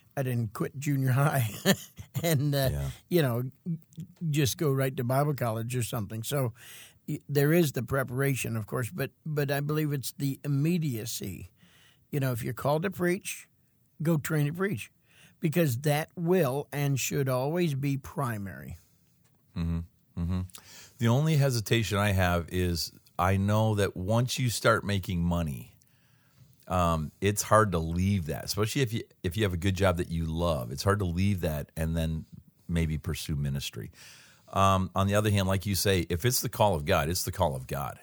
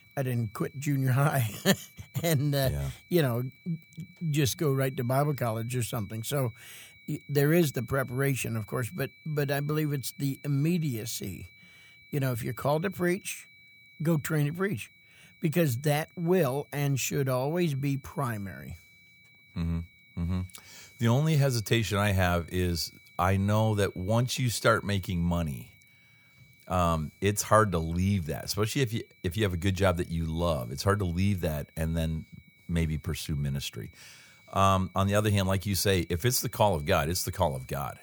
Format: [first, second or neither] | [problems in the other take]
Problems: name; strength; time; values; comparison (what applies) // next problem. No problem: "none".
first | high-pitched whine; faint; throughout; 2.5 kHz, 25 dB below the speech